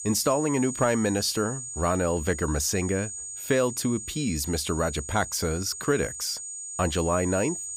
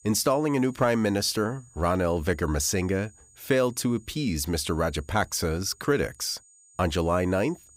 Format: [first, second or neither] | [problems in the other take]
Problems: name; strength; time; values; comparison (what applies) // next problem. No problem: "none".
second | high-pitched whine; loud; throughout; 7 kHz, 8 dB below the speech; faint in the second